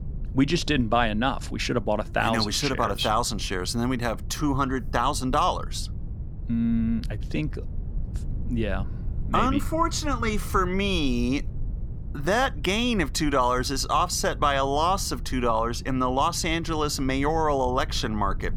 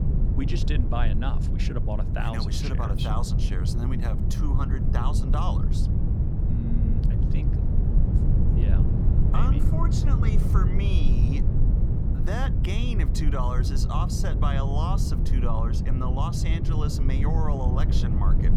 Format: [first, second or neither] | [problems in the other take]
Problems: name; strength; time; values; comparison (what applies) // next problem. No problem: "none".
first | low rumble; loud; throughout; 3 dB below the speech; faint in the first